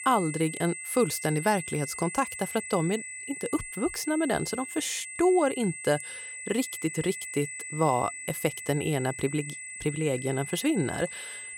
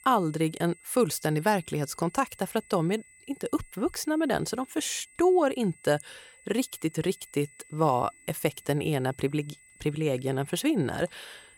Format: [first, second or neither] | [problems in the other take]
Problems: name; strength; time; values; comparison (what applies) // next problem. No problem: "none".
second | high-pitched whine; loud; throughout; 2 kHz, 8 dB below the speech; faint in the second